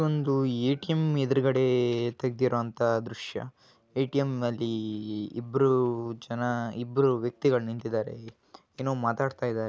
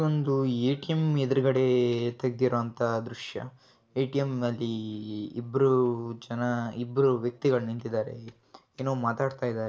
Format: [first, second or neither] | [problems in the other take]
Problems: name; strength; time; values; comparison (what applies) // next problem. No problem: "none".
first | room echo; dies away in 0.3 s